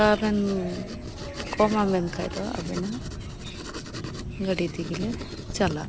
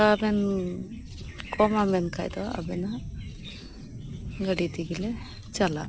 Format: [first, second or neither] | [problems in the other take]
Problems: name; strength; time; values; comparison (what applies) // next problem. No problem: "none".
second | background sound (Writing); 10 dB below the speech